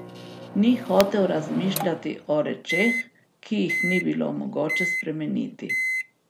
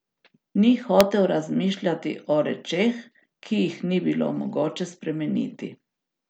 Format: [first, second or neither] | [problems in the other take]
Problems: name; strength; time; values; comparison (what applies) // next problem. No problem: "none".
second | background sound (Microwave oven); 5 dB below the speech